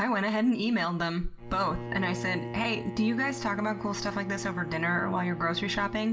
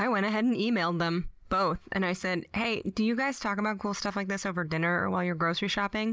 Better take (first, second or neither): second